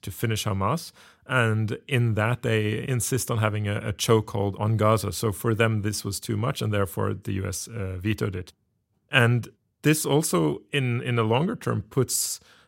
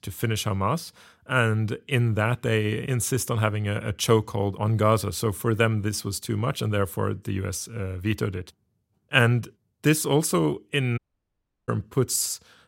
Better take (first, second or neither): first